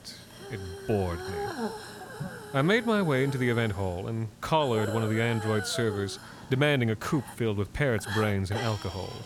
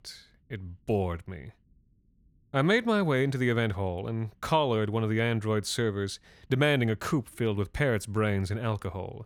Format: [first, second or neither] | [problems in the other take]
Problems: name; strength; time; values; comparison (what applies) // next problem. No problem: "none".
second | hiss; noticeable; throughout; 10 dB below the speech